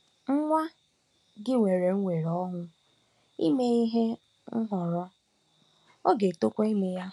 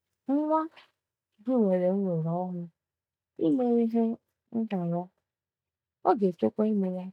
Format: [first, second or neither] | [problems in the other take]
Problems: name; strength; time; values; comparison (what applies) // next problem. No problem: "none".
first | noise reduction (neural mask model DeepFilterNet 3)